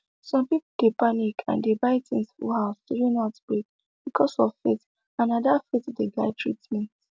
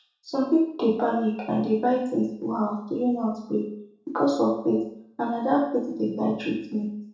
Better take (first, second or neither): first